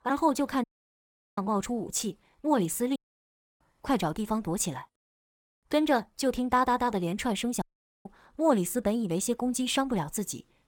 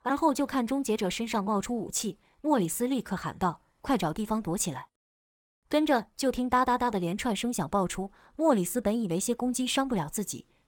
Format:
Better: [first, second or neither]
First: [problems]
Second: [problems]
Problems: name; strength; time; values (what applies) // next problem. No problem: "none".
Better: second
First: audio cutting out; at 0.5 s for 0.5 s, at 3 s for 0.5 s and at 7.5 s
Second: none